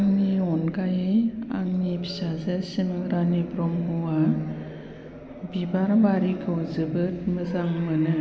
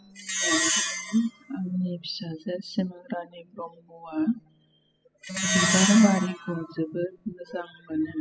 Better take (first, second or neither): first